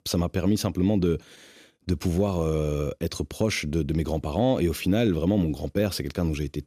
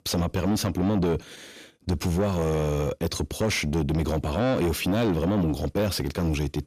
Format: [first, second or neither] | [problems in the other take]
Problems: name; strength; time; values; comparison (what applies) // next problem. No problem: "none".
first | distortion; heavy; 8 dB below the speech